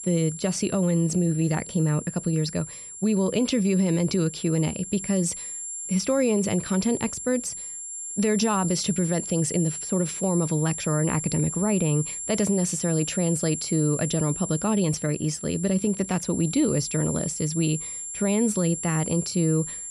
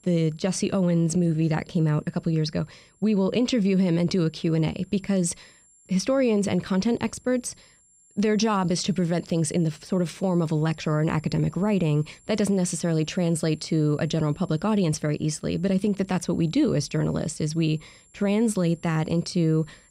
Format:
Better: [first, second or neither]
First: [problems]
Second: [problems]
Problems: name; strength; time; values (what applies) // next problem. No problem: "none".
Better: second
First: high-pitched whine; loud; throughout; 7.5 kHz, 7 dB below the speech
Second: high-pitched whine; faint; throughout; 7.5 kHz, 30 dB below the speech